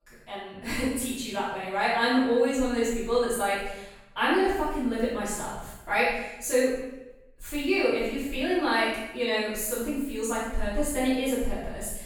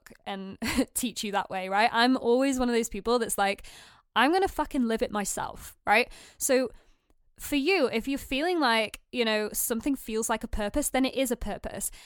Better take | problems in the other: second | off-mic speech; far // room echo; strong; dies away in 0.9 s

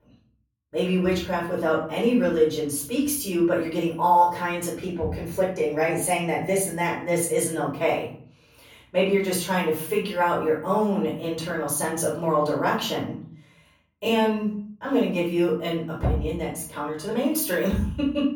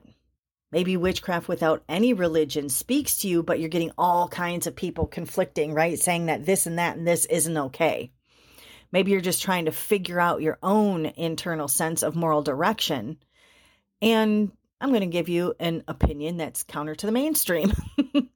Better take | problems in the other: second | off-mic speech; far // room echo; noticeable; dies away in 0.5 s

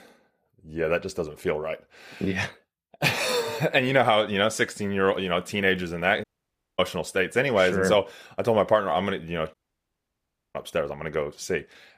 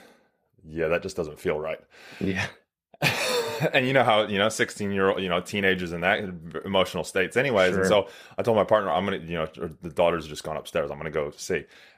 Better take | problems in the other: second | audio cutting out; at 6 s for 0.5 s and at 9.5 s for 1 s

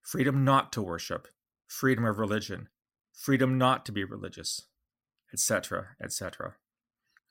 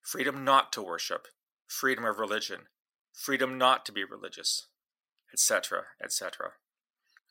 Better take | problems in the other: first | thin; somewhat; fading below 500 Hz

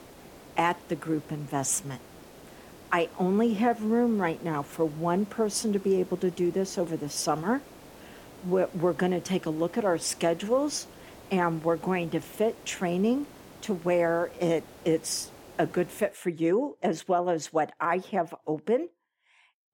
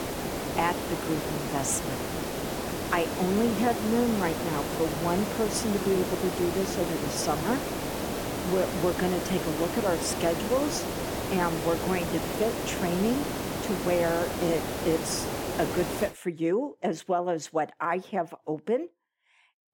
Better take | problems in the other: first | hiss; loud; until 16 s; 2 dB below the speech; faint in the first

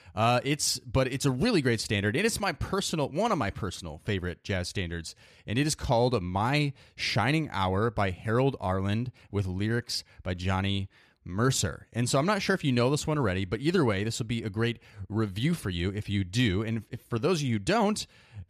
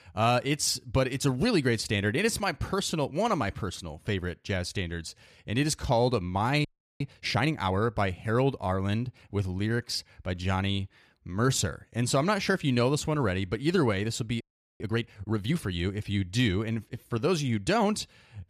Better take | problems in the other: first | audio freezing; at 6.5 s and at 14 s

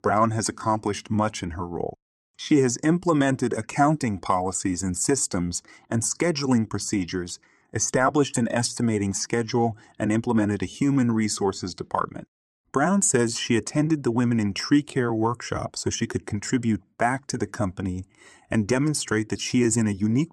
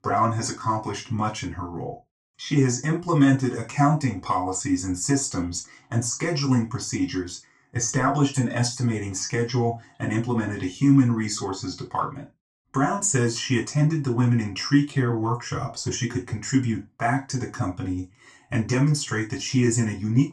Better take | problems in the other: first | room echo; slight; dies away in 0.2 s // off-mic speech; far

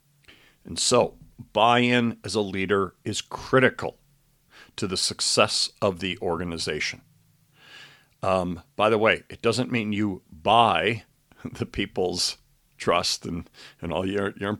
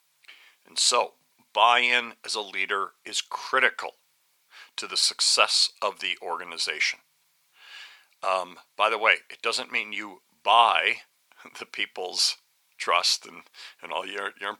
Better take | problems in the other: first | thin; very; fading below 800 Hz

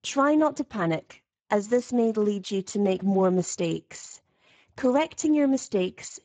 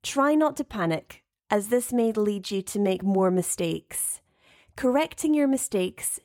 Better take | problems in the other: second | garbled, watery; badly; nothing above 7.5 kHz

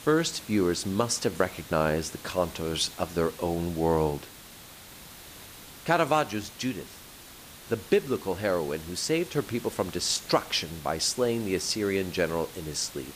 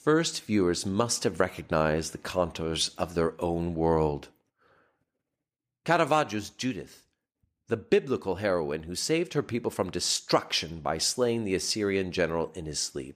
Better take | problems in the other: second | hiss; noticeable; throughout; 15 dB below the speech

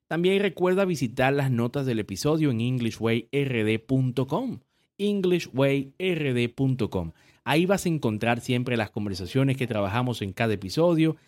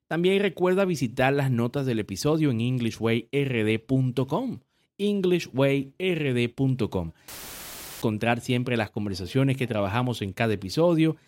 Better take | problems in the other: first | audio cutting out; filled with static; at 7.5 s for 0.5 s

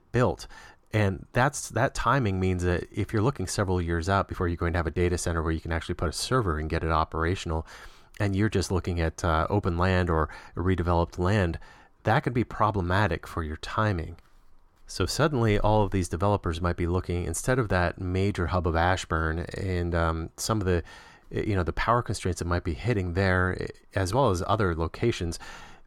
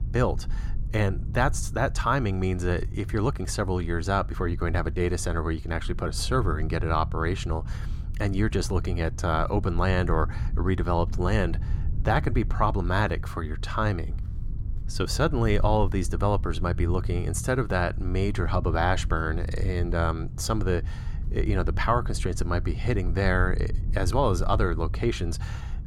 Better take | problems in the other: first | low rumble; noticeable; throughout; 20 dB below the speech

